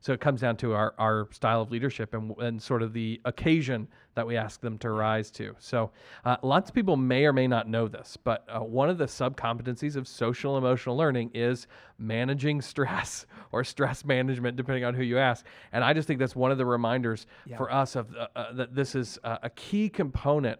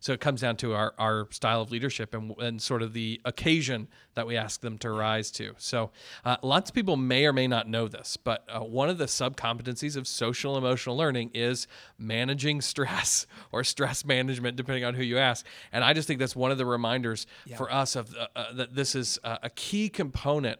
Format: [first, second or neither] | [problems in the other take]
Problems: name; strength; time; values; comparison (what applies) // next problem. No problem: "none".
second | muffled; slightly; fading above 2.5 kHz